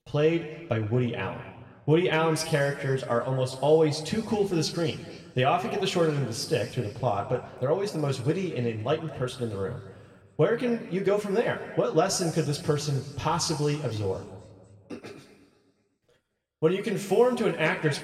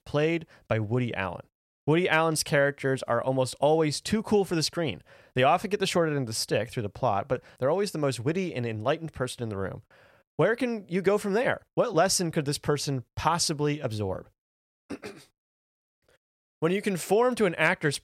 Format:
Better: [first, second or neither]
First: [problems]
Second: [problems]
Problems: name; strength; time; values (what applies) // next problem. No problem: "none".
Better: second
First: room echo; slight; dies away in 1.6 s // off-mic speech; somewhat distant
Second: none